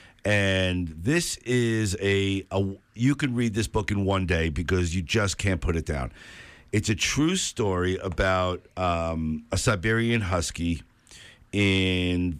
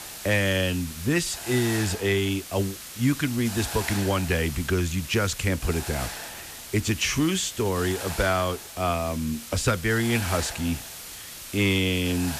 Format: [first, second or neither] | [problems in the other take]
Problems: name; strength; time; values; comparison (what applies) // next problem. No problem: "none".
first | hiss; loud; throughout; 10 dB below the speech